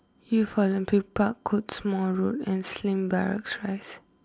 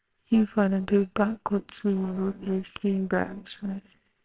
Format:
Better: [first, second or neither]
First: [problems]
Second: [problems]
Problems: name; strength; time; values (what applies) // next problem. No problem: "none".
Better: first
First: none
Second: noise reduction (neural separator model SepFormer WHAMR!)